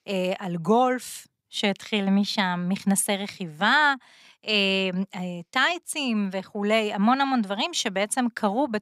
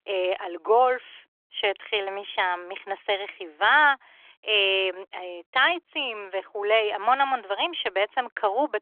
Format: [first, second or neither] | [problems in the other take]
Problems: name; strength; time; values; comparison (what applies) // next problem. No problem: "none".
first | phone-call audio; nothing above 3.5 kHz